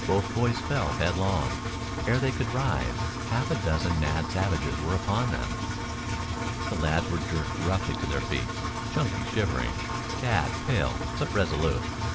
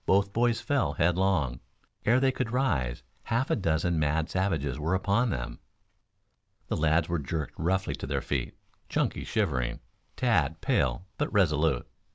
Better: second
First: background sound (Engine); 2 dB below the speech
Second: none

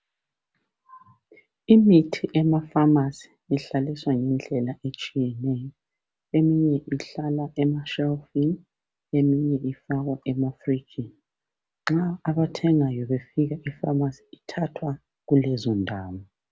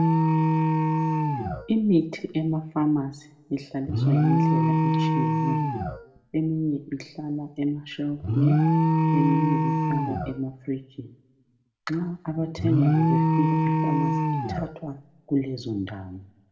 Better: first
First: none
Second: background sound (Alarm); 4 dB above the speech // room echo; dies away in 0.4 s

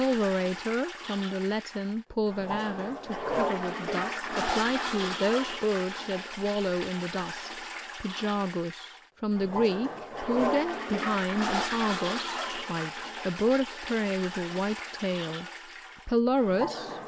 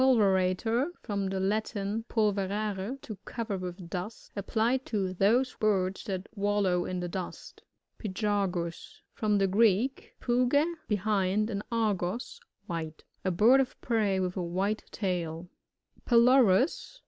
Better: second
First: background sound (Toilet flush); 5 dB below the speech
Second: none

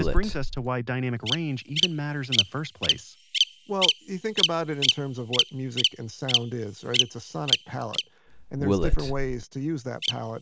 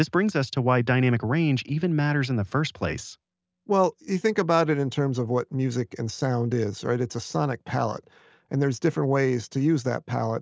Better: second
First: background sound (Bird vocalization, bird call, bird song); 4 dB above the speech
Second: none

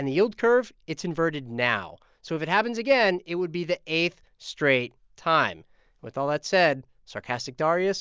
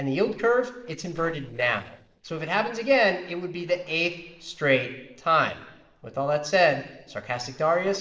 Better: first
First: none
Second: noise reduction (neural separator model SepFormer DNS4)

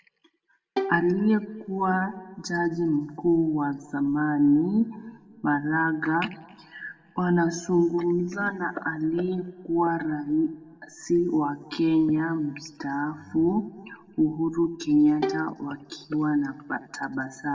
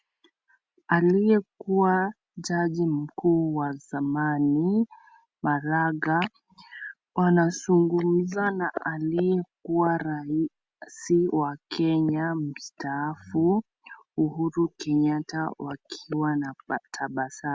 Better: second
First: background sound (Bowed string instrument); 9 dB below the speech // room echo; dies away in 1.3 s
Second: none

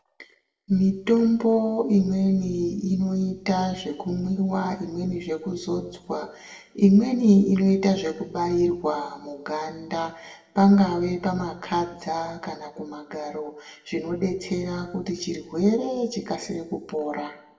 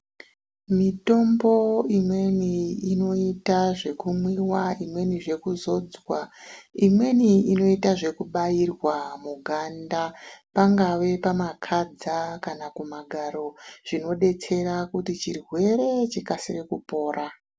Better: second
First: room echo; dies away in 0.9 s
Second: none

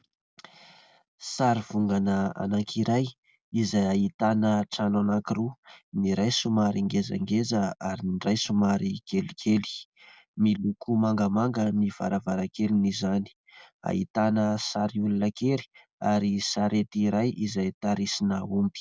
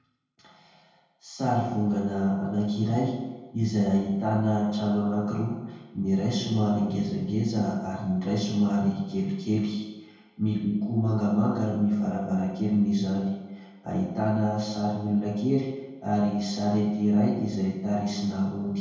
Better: first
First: none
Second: room echo; dies away in 1.2 s

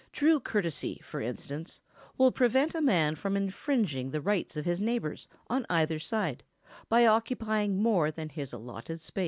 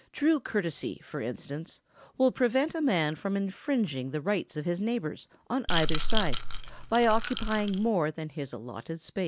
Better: first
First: none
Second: background sound (Rattle / Rattle (instrument)); 4 dB above the speech

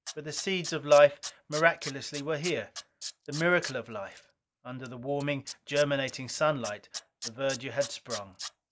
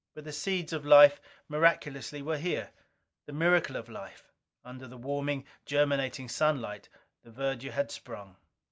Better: second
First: noise reduction (neural mask model Resemble Enhance denoiser)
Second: none

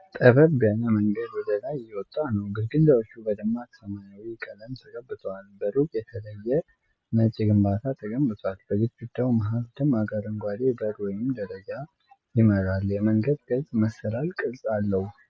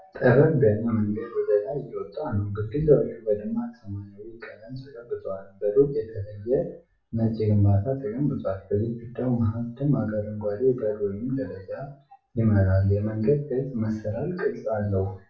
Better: first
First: none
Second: room echo; dies away in 0.4 s

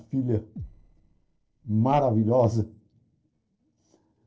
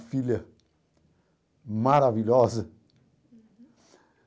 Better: second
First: noise reduction (neural separator model SepFormer DNS4)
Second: none

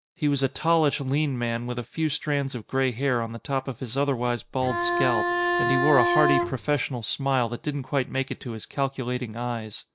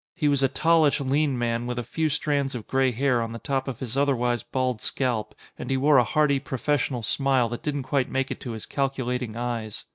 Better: second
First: background sound (Bowed string instrument); 1 dB above the speech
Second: none

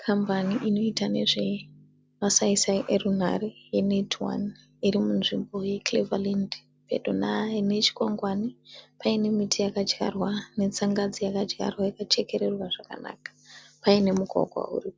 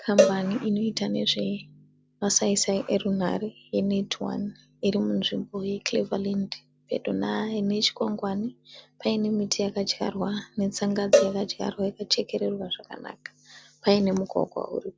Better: first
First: none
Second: background sound (Cowbell); 1 dB below the speech

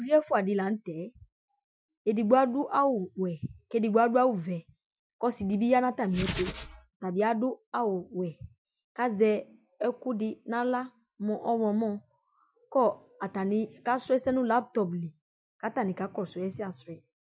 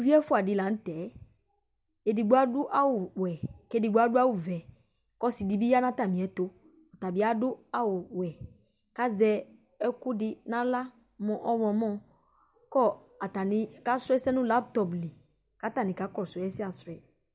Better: second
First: noise reduction (classical method Wiener filter)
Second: none

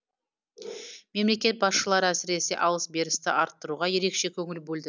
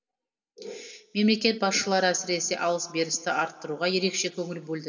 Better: first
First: none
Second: room echo; dies away in 2 s

